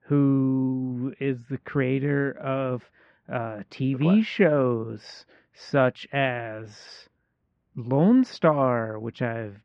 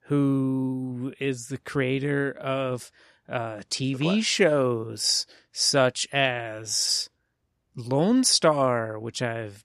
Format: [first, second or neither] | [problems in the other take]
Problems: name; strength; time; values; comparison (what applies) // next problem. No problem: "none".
second | muffled; very; fading above 2.5 kHz